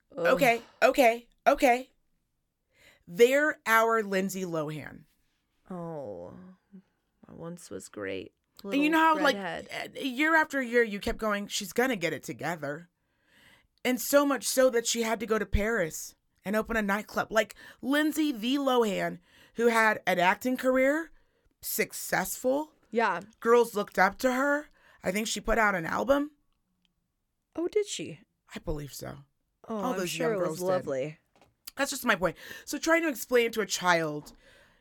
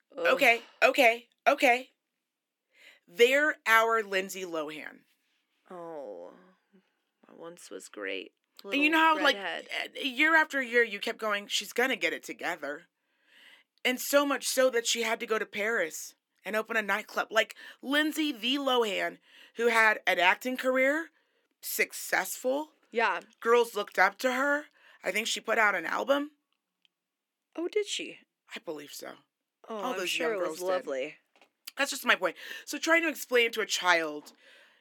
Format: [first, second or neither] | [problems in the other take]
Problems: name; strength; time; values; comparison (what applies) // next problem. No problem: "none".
first | thin; very slightly; fading below 250 Hz